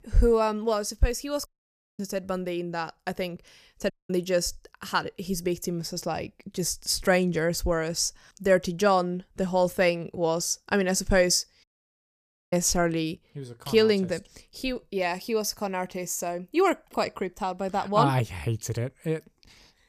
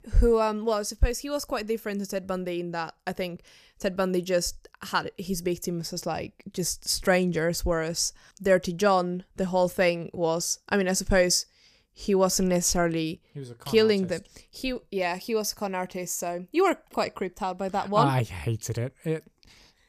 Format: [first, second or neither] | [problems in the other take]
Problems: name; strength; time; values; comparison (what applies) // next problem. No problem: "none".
second | audio cutting out; at 1.5 s for 0.5 s, at 4 s and at 12 s for 1 s